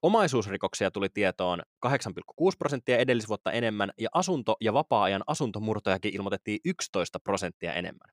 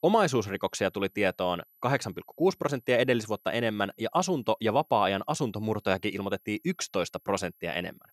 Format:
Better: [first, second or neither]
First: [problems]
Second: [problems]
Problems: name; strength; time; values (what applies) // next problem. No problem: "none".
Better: first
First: none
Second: high-pitched whine; faint; throughout; 12 kHz, 30 dB below the speech